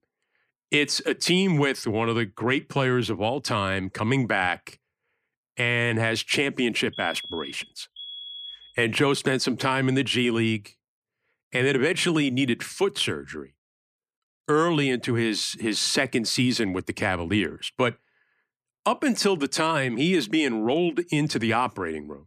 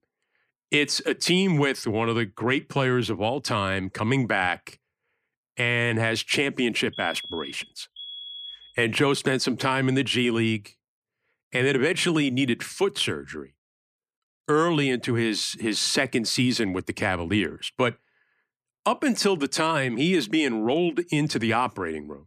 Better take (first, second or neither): neither